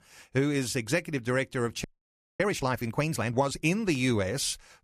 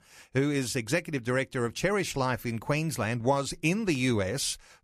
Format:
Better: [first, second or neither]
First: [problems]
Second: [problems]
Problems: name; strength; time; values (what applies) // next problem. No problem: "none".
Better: second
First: audio freezing; at 2 s for 0.5 s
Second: none